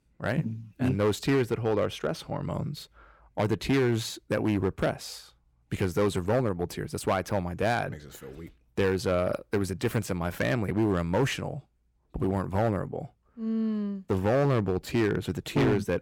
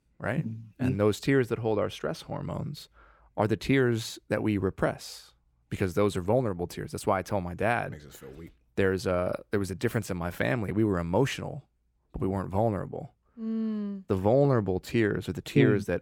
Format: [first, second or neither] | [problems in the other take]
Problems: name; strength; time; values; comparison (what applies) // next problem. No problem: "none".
second | distortion; slight; 5% of the sound clipped